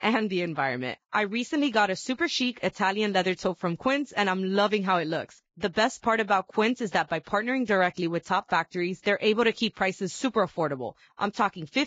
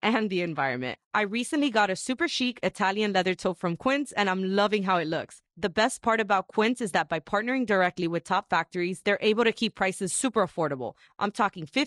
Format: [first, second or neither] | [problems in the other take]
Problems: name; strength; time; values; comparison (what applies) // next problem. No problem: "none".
second | garbled, watery; badly; nothing above 7.5 kHz; slightly in the second